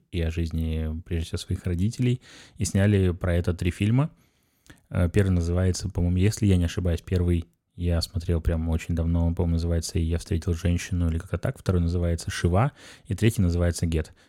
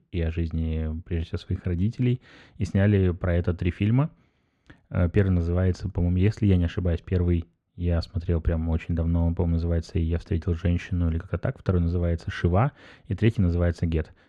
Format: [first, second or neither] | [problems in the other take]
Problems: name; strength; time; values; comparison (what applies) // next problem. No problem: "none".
first | muffled; slightly; fading above 2.5 kHz